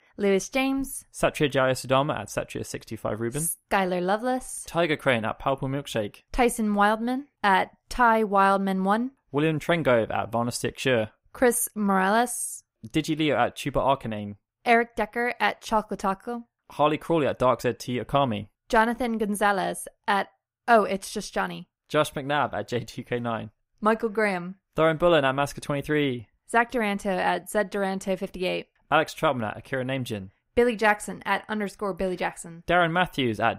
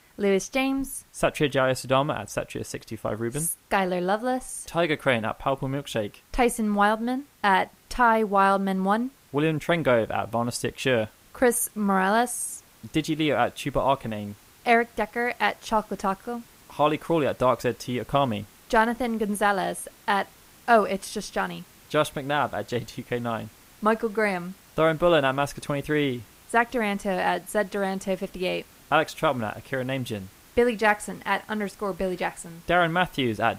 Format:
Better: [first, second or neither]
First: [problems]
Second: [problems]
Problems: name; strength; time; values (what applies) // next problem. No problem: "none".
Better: first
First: none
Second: hiss; faint; throughout; 25 dB below the speech